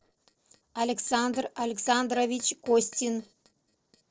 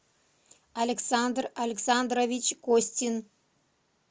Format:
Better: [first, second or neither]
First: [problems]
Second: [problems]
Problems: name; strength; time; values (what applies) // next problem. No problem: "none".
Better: second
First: noise reduction (neural separator model SepFormer DNS4)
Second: none